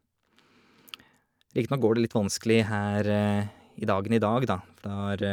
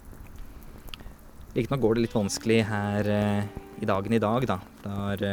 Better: first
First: none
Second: background sound (Rain + Guitar); 15 dB below the speech

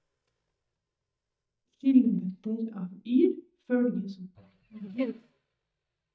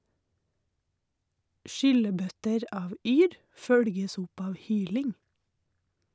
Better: second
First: noise reduction (neural mask model DeepFilterNet 3)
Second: none

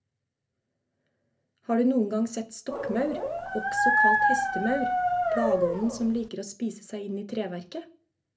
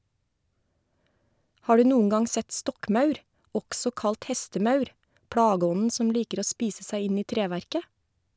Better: second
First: background sound (Dog); 5 dB above the speech // room echo; dies away in 0.3 s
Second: none

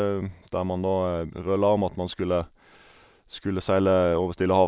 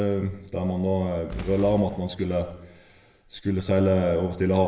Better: first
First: none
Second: background sound (Boom); 17 dB below the speech // room echo; dies away in 0.8 s

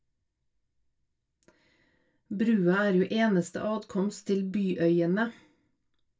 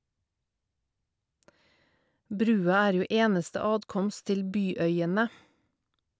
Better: second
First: room echo; dies away in 0.2 s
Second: none

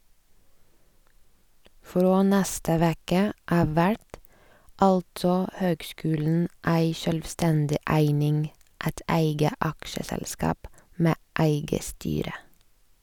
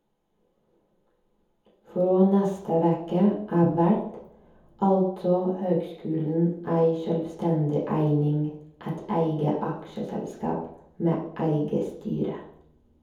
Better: first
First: none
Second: room echo; dies away in 0.7 s

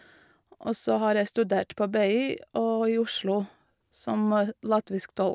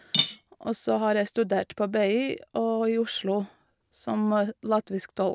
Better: first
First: none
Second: background sound (Cutlery, silverware / Dishes, pots, and pans); 6 dB below the speech

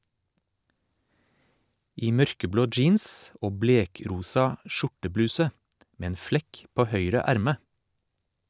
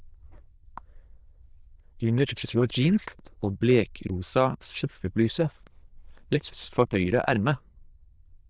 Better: first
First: none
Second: noise reduction (neural diffusion model UNIVERSE++)

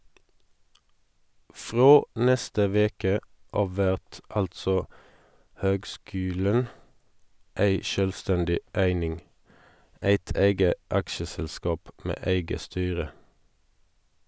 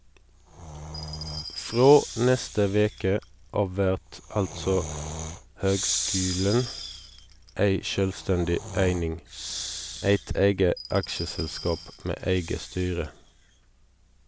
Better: first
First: none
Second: background sound (Breathing + Glass); 11 dB below the speech

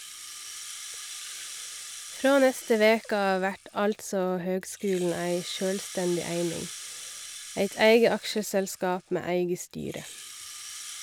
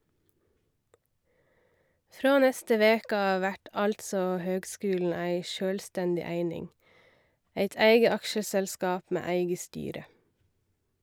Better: second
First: background sound (Rattle (instrument)); 14 dB below the speech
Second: none

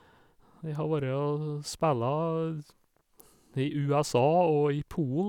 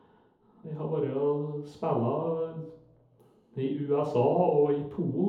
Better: first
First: none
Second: room echo; dies away in 2 s

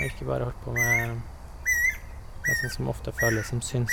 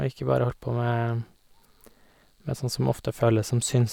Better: second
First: background sound (Bird); 2 dB above the speech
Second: none

